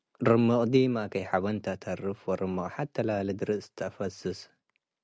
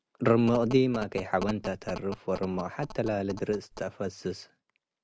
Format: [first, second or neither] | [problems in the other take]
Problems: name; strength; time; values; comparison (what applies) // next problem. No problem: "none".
first | background sound (Telephone); 14 dB below the speech